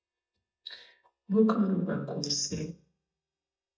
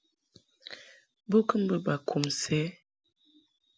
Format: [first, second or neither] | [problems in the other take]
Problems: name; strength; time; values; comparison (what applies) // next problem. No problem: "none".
second | noise reduction (neural mask model DeepFilterNet 3)